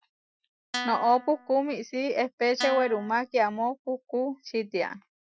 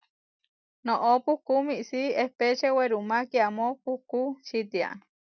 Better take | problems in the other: second | noise reduction (classical method Wiener filter)

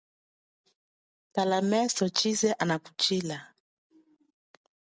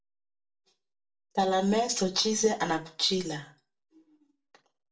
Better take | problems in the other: first | room echo; dies away in 0.3 s

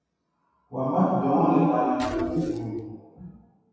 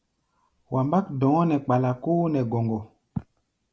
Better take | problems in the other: second | noise reduction (classical method WPE with log-MMSE)

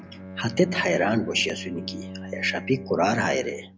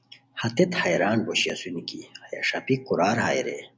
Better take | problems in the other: second | background sound (Bowed string instrument); 13 dB below the speech

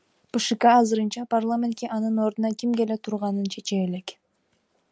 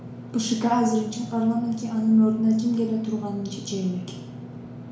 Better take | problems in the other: first | background sound (Engine / Mechanisms); 13 dB below the speech // room echo; dies away in 0.7 s

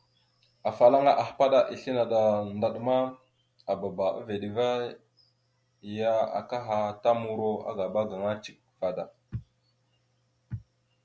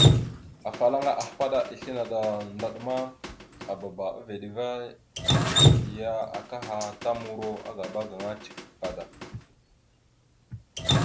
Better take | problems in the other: first | background sound (Drip); 4 dB above the speech

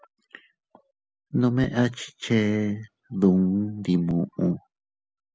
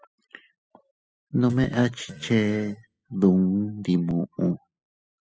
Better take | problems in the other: first | noise reduction (classical method spectral subtraction)

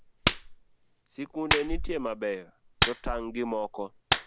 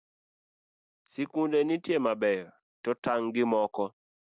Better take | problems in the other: second | background sound (Clapping); 2 dB above the speech

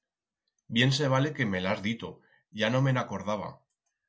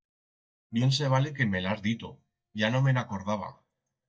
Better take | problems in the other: first | noise reduction (neural mask model DeepFilterNet 3)

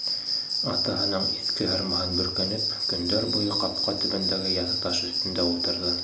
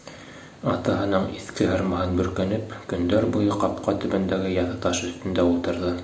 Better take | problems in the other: second | background sound (Cricket); 2 dB above the speech

